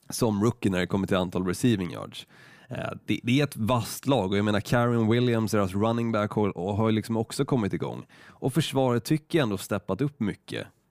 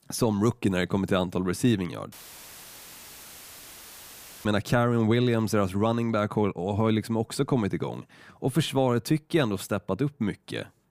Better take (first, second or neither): first